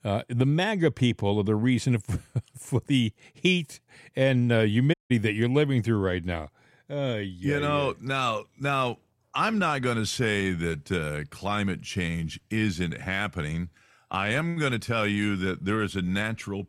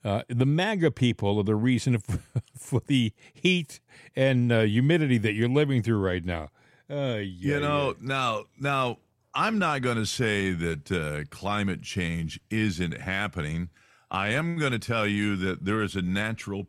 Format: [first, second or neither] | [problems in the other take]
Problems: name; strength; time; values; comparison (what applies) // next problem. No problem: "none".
second | audio cutting out; at 5 s